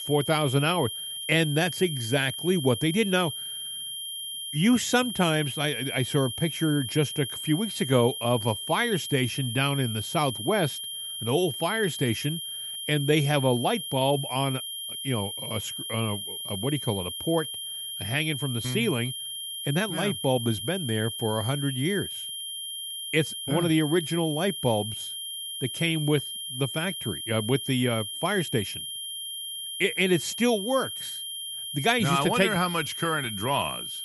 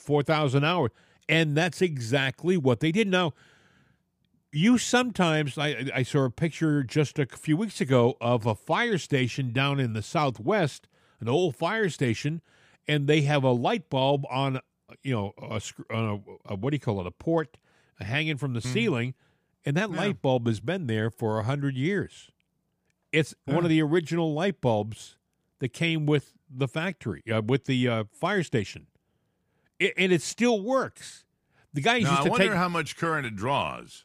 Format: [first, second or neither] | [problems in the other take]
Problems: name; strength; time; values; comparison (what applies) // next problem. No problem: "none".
second | high-pitched whine; loud; throughout; 3 kHz, 6 dB below the speech